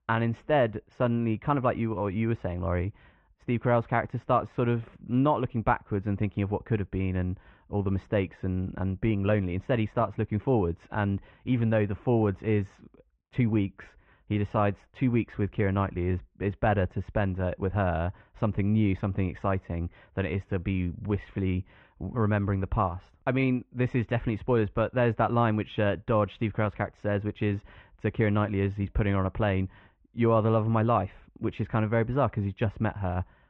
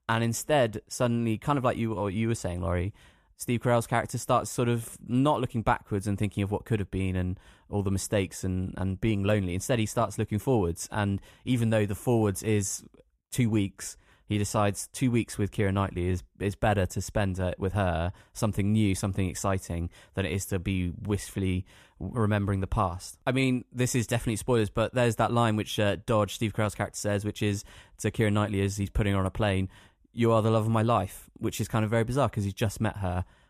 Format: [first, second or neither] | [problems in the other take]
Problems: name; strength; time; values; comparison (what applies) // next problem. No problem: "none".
second | muffled; very; fading above 2.5 kHz